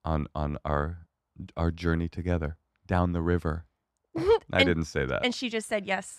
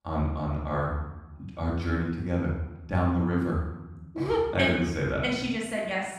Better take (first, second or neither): first